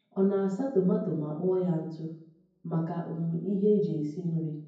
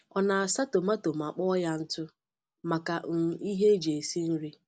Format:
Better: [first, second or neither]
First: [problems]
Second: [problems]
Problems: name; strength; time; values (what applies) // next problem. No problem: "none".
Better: second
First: room echo; dies away in 0.9 s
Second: none